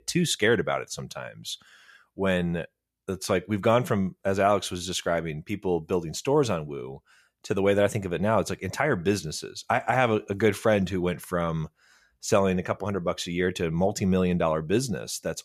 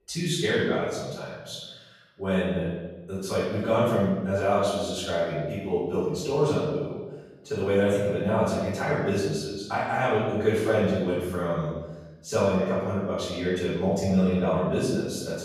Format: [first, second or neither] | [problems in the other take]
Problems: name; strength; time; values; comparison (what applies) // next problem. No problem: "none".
first | off-mic speech; far // room echo; strong; dies away in 1.2 s